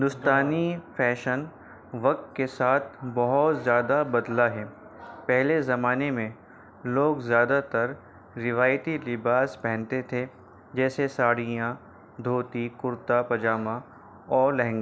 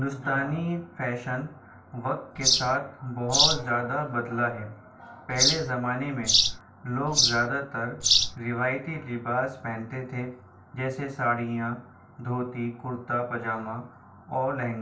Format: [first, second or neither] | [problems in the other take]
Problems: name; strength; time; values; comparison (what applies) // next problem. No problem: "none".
first | background sound (Bird vocalization, bird call, bird song); 4 dB above the speech // room echo; dies away in 0.3 s